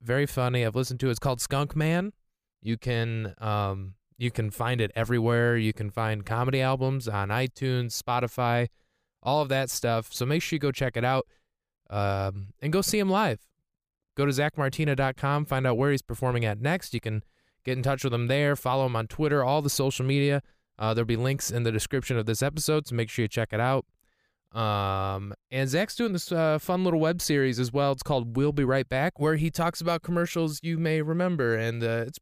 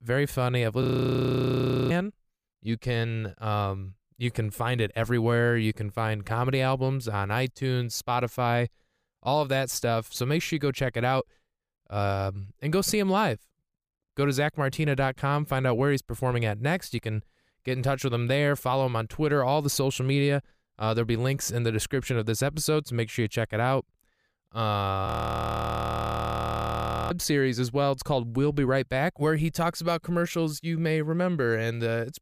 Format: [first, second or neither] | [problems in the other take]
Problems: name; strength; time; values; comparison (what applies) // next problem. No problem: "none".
first | audio freezing; at 1 s for 1 s and at 25 s for 2 s